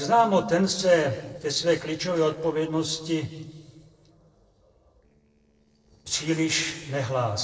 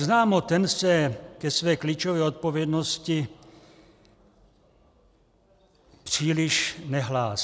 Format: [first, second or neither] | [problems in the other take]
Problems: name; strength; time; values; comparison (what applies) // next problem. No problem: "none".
second | noise reduction (neural separator model SepFormer DNS4)